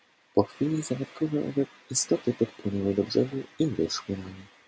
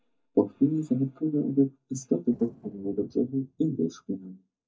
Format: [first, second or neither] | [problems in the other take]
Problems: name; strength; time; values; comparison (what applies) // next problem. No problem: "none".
first | noise reduction (neural mask model DeepFilterNet 3)